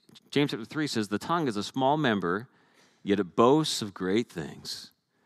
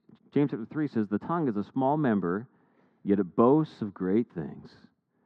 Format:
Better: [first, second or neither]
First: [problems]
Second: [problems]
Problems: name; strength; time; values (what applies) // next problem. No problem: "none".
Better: first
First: none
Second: muffled; very; fading above 1 kHz